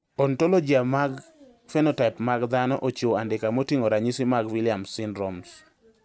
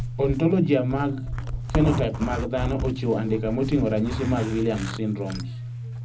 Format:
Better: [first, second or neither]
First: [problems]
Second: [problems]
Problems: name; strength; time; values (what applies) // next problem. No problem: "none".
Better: first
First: none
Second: background sound (Zipper (clothing)); 5 dB below the speech // room echo; dies away in 0.4 s